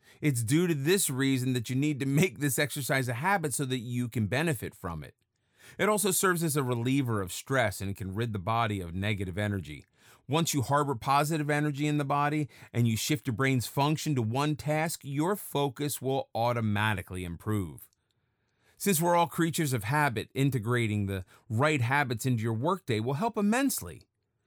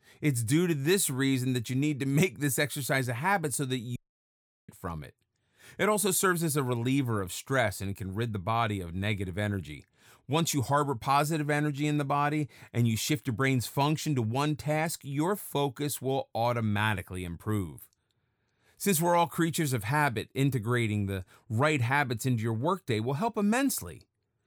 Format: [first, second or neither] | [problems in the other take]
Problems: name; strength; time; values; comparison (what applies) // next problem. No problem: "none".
first | audio cutting out; at 4 s for 0.5 s